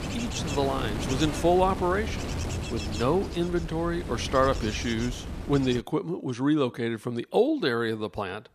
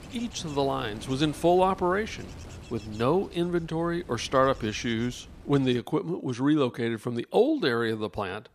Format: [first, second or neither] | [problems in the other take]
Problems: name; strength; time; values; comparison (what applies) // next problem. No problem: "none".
second | wind noise on the microphone; heavy; until 6 s; 9 dB below the speech; occasional gusts in the second